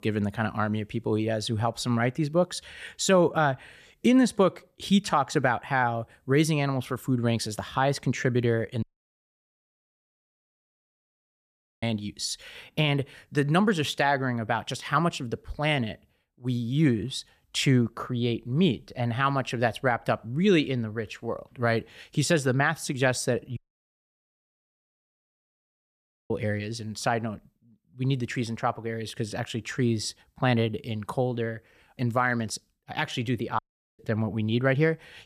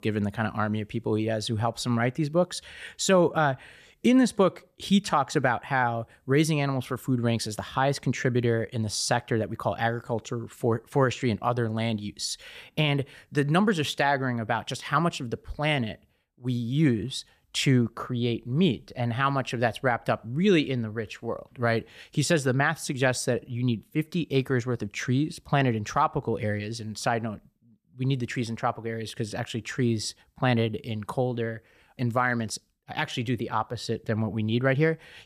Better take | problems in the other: second | audio cutting out; at 9 s for 3 s, at 24 s for 2.5 s and at 34 s

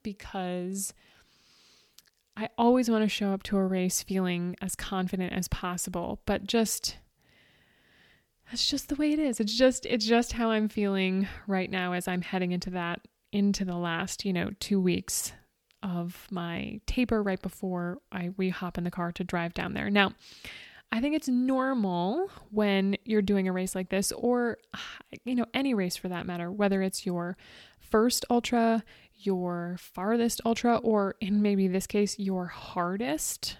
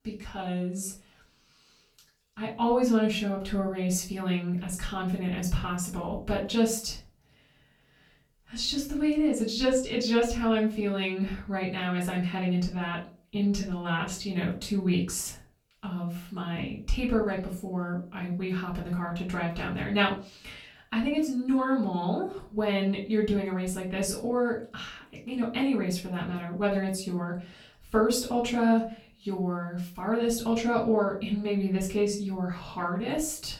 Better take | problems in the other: first | off-mic speech; far // room echo; slight; dies away in 0.3 s

